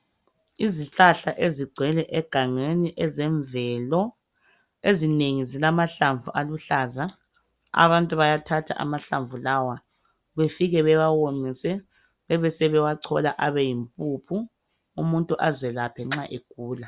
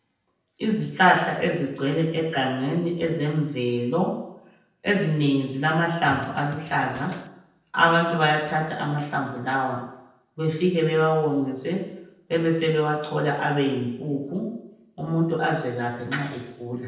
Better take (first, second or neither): first